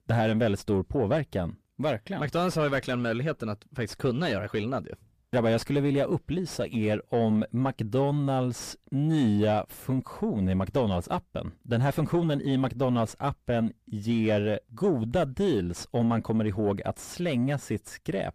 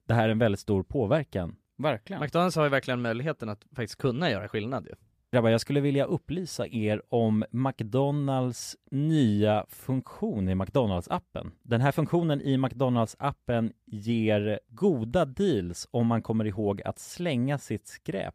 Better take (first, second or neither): second